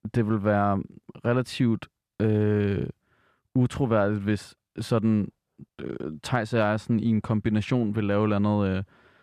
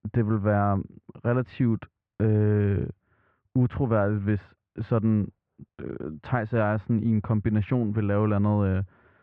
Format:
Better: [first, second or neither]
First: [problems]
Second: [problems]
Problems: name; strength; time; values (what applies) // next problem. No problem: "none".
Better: first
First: none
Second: muffled; very; fading above 2 kHz